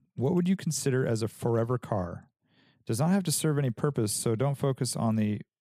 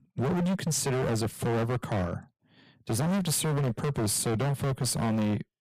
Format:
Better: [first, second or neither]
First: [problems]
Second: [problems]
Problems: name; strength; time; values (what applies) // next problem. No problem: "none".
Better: first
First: none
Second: distortion; heavy; 32% of the sound clipped